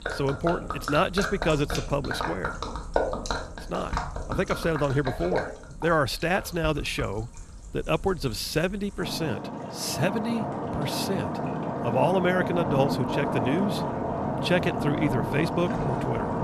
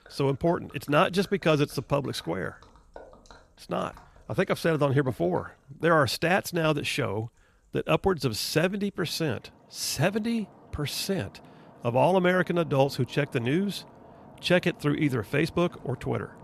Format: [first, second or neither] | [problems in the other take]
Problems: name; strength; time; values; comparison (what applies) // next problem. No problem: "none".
second | rain or running water; loud; throughout; 3 dB below the speech; faint in the second